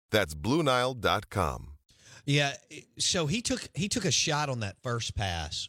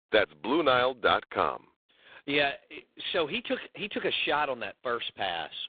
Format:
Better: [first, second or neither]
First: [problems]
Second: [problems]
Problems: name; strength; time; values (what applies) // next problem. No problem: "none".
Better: first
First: none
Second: phone-call audio; poor line; nothing above 3.5 kHz